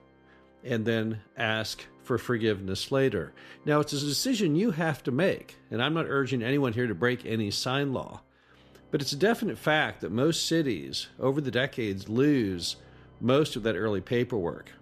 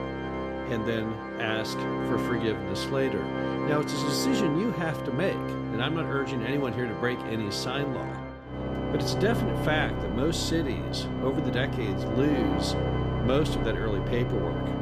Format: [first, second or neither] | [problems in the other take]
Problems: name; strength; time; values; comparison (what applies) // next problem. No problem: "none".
first | background music; loud; throughout; 1 dB below the speech; faint in the first